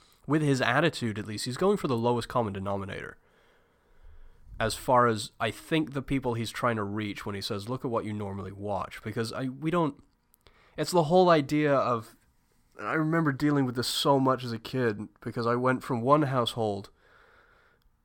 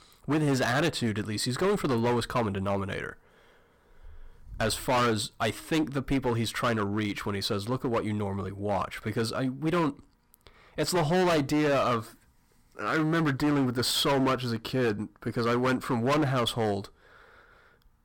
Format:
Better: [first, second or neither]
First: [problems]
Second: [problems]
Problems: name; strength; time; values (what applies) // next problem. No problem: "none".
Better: first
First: none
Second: distortion; heavy; 13% of the sound clipped